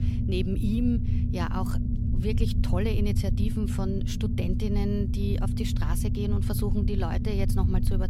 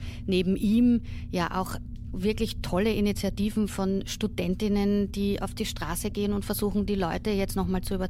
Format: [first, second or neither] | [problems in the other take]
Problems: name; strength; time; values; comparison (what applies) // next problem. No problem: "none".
second | low rumble; loud; throughout; 4 dB below the speech; faint in the second